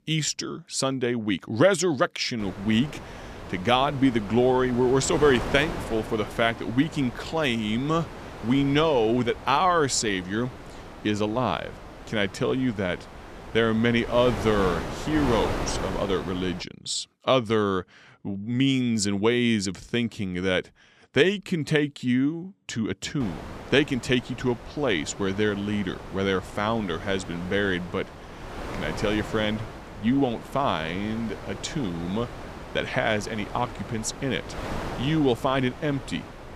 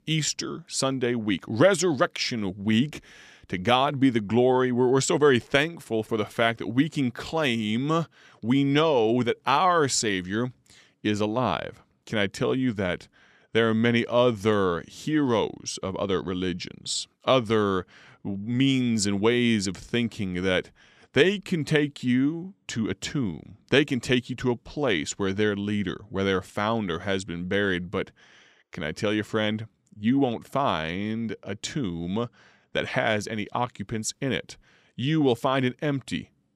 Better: second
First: wind noise on the microphone; occasional gusts; from 2.5 to 17 s and from 23 s on; 10 dB below the speech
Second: none

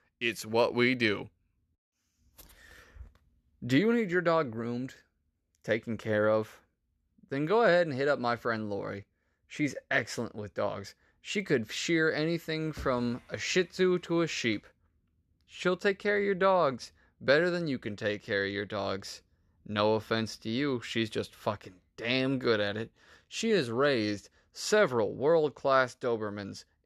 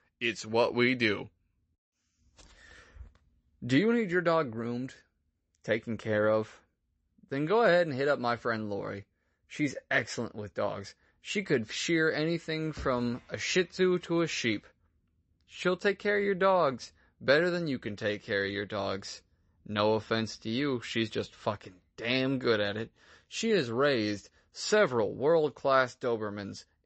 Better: first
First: none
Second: garbled, watery; slightly; nothing above 8 kHz

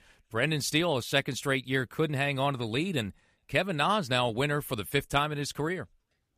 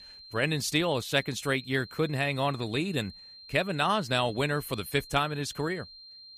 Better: first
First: none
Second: high-pitched whine; noticeable; throughout; 4 kHz, 15 dB below the speech

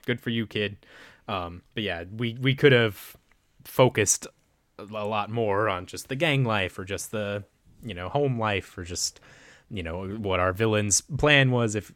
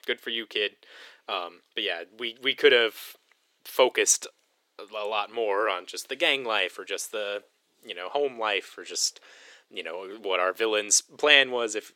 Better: first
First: none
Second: thin; very; fading below 400 Hz

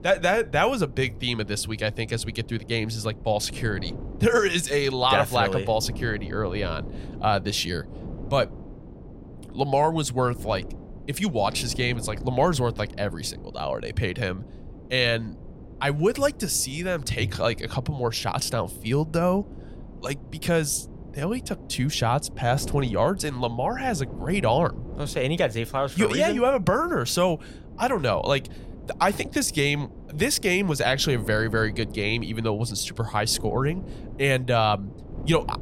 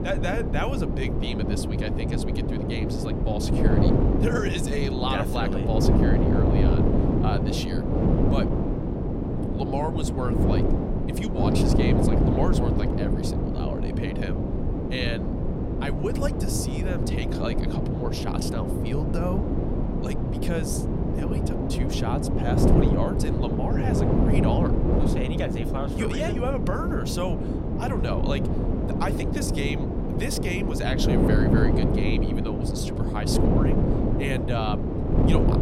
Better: first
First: wind noise on the microphone; occasional gusts; 20 dB below the speech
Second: wind noise on the microphone; heavy; 2 dB above the speech

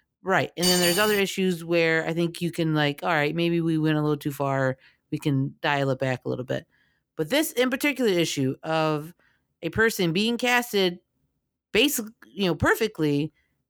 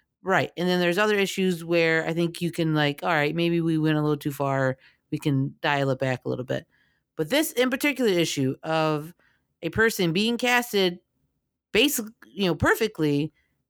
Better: second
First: clattering dishes; loud; at 0.5 s; peak 2 dB above the speech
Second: none

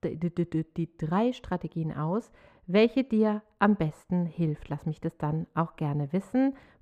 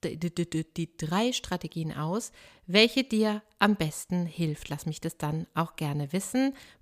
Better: second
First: muffled; very; fading above 2.5 kHz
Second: none

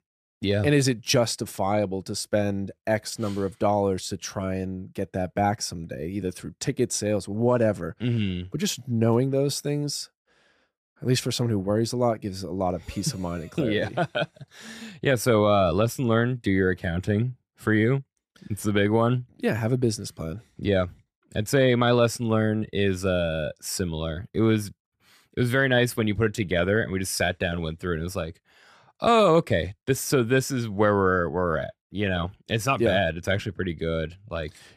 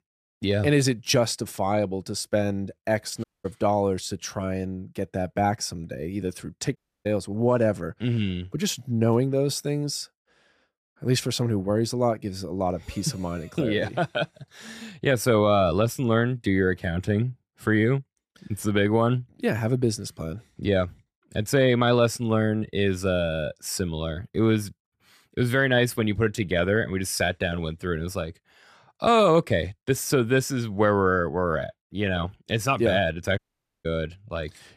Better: first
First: none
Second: audio cutting out; at 3 s, at 7 s and at 33 s

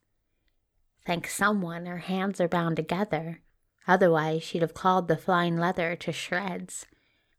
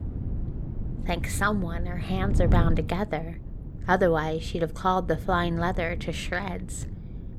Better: first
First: none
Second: wind noise on the microphone; occasional gusts; 15 dB below the speech

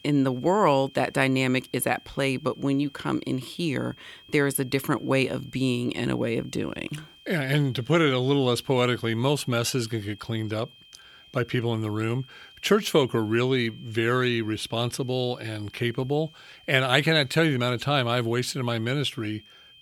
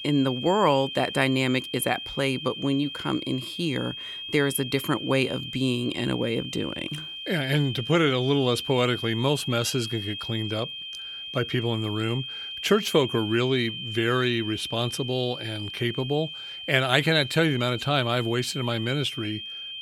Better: first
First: high-pitched whine; faint; throughout; 3 kHz, 25 dB below the speech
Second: high-pitched whine; loud; throughout; 3 kHz, 8 dB below the speech

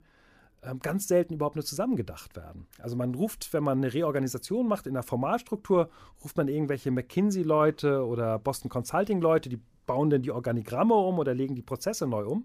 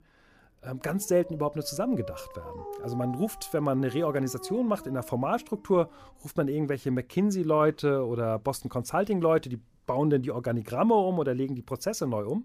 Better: first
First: none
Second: dog barking; faint; from 1 to 6 s; peak 10 dB below the speech

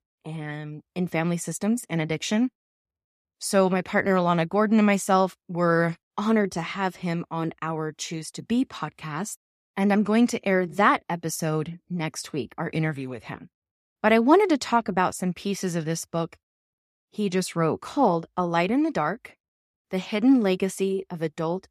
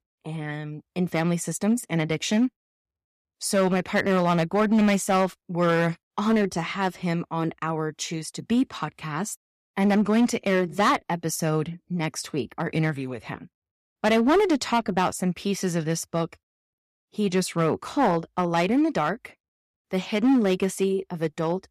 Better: first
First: none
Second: distortion; slight; 4% of the sound clipped

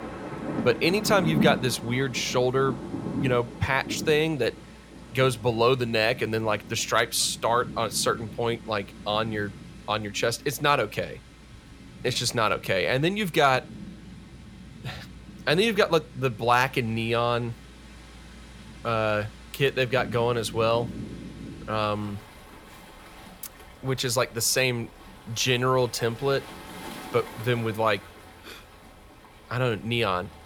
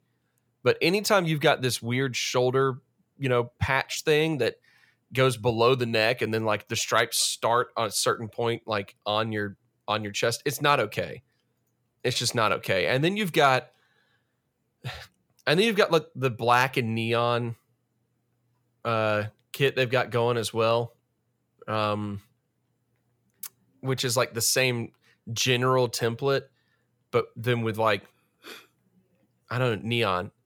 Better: second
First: rain or running water; noticeable; throughout; 15 dB below the speech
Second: none

